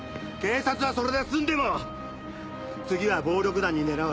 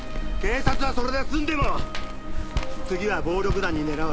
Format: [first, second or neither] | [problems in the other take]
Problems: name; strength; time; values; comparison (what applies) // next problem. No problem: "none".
first | background sound (Walk, footsteps); 3 dB above the speech